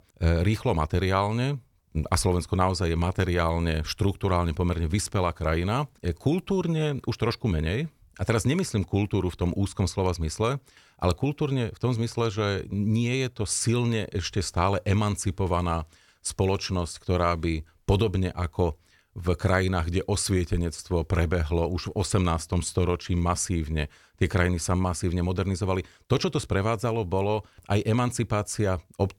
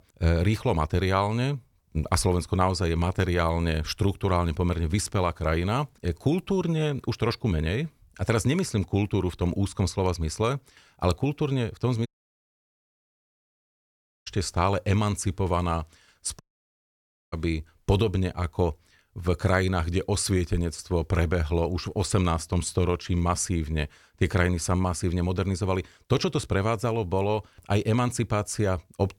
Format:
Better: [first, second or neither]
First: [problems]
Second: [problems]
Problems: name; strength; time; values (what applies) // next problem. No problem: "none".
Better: first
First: none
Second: audio cutting out; at 12 s for 2 s and at 16 s for 1 s